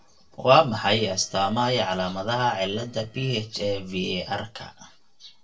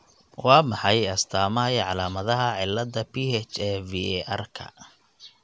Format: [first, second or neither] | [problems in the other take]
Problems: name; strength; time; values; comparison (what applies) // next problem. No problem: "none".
second | noise reduction (neural separator model SepFormer DNS4)